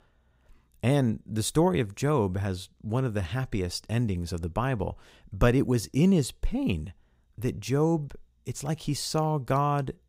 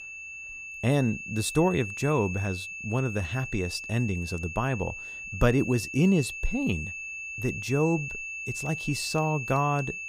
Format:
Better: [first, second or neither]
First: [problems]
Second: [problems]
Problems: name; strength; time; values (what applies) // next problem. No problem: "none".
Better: first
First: none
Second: high-pitched whine; loud; throughout; 2.5 kHz, 7 dB below the speech